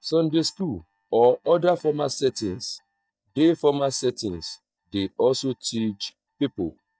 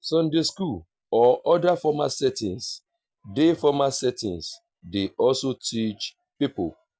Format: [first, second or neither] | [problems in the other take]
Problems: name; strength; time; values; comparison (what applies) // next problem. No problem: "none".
second | noise reduction (neural mask model DeepFilterNet 3)